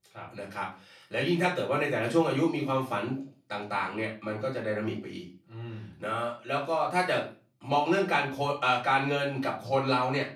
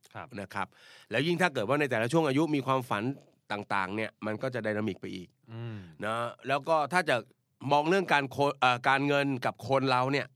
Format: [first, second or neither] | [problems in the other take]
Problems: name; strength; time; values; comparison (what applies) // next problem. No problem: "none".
second | off-mic speech; far // room echo; slight; dies away in 0.3 s